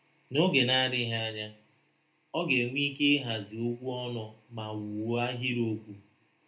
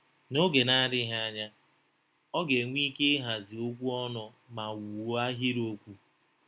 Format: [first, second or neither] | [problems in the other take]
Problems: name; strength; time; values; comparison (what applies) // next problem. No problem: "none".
second | room echo; dies away in 0.3 s